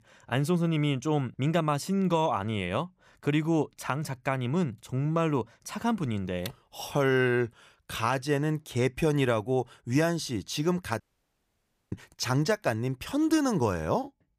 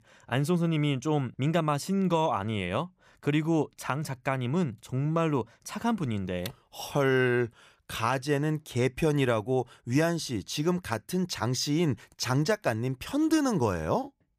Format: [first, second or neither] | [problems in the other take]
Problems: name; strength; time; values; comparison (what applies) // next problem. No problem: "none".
second | audio cutting out; at 11 s for 1 s